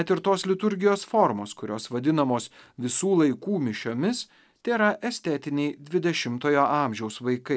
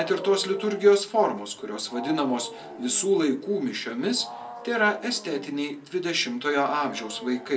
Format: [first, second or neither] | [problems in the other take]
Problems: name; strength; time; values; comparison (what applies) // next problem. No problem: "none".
first | background sound (Wild animals); 16 dB below the speech // room echo; dies away in 0.2 s